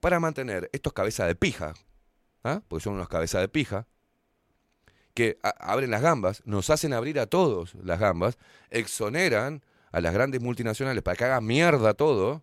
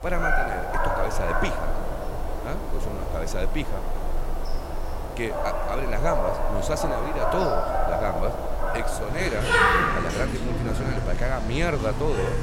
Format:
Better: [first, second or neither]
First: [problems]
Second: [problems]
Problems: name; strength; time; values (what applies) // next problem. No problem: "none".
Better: first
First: none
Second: animal sounds; very loud; throughout; 4 dB above the speech